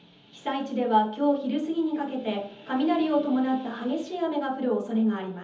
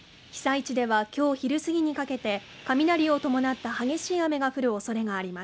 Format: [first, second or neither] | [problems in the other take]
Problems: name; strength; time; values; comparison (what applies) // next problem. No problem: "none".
second | room echo; dies away in 0.7 s